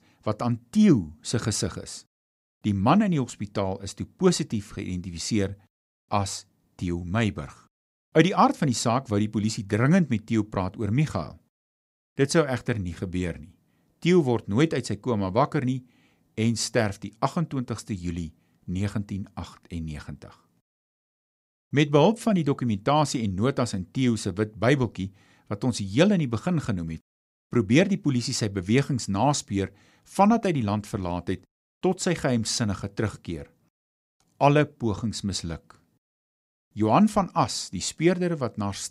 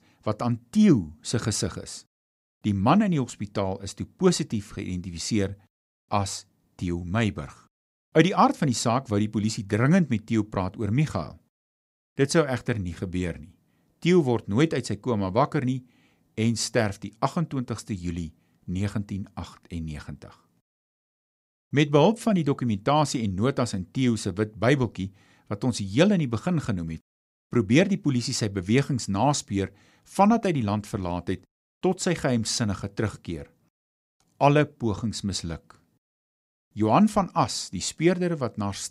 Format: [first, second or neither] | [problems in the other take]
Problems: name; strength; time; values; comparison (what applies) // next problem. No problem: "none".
neither | none